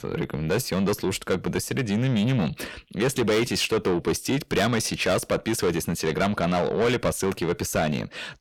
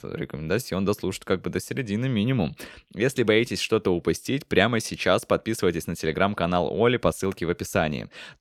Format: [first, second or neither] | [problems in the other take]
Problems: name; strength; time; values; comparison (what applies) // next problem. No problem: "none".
second | distortion; heavy; 6 dB below the speech